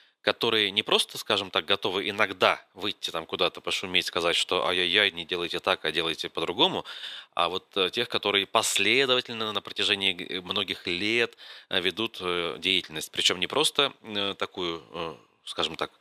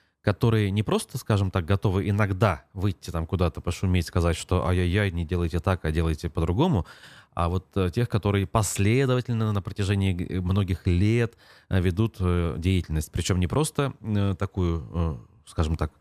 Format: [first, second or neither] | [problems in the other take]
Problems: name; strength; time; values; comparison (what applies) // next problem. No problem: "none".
second | thin; very; fading below 450 Hz